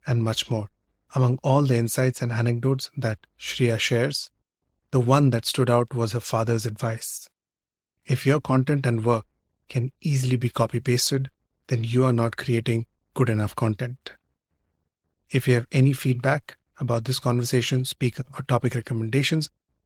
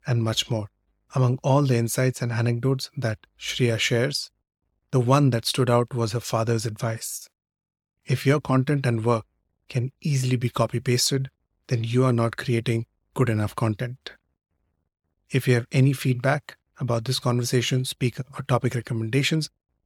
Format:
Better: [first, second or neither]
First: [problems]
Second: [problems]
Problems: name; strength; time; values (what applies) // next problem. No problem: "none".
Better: second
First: garbled, watery; slightly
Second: none